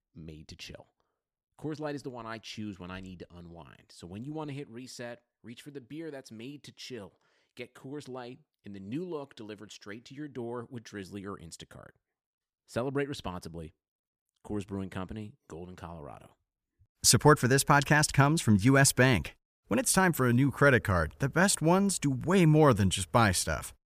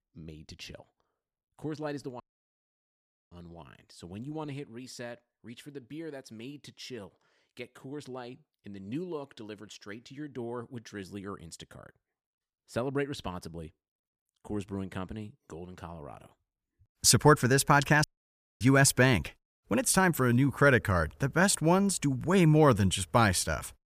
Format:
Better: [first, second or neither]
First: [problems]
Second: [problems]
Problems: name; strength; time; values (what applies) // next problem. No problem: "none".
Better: first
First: none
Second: audio cutting out; at 2 s for 1 s and at 18 s for 0.5 s